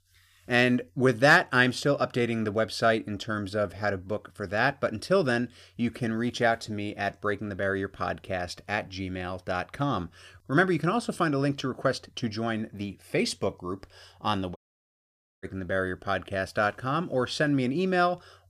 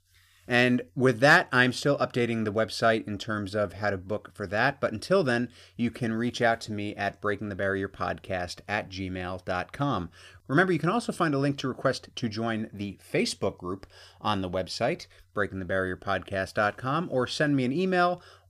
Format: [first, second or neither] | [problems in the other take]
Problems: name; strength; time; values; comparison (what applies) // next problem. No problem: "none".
second | audio cutting out; at 15 s for 1 s